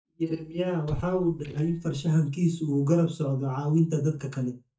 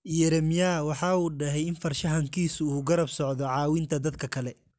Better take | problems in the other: second | noise reduction (neural mask model DeepFilterNet 3)

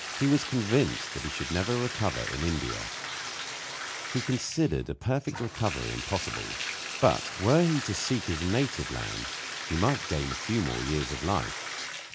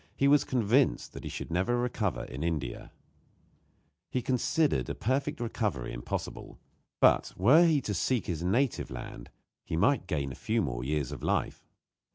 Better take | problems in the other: second | background sound (Bathtub (filling or washing)); 7 dB below the speech

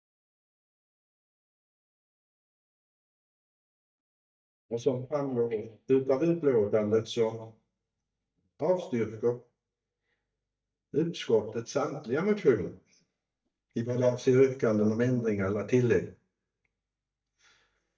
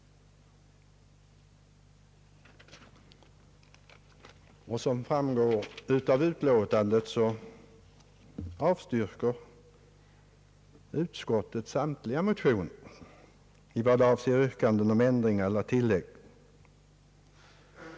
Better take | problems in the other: second | noise reduction (neural mask model DeepFilterNet 3)

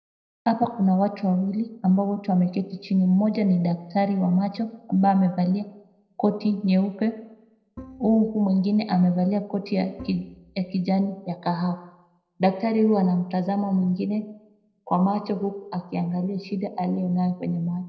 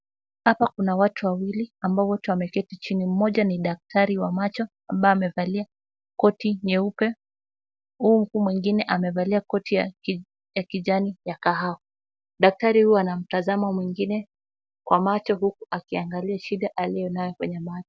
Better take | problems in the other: second | noise reduction (neural separator model SepFormer DNS4)

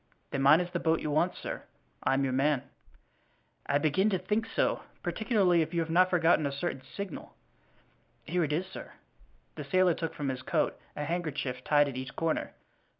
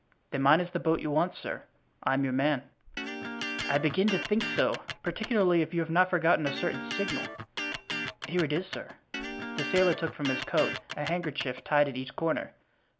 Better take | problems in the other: first | background sound (Electric guitar); 7 dB below the speech

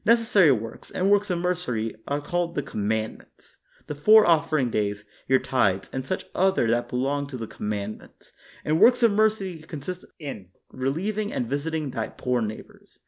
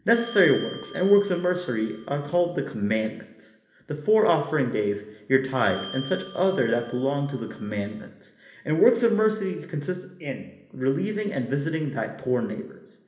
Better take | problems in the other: first | background sound (Bell); 18 dB below the speech // room echo; dies away in 1 s

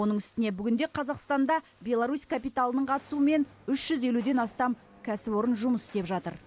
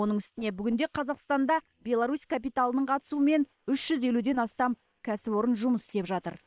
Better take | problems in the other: first | noise reduction (neural separator model SepFormer WHAM!)

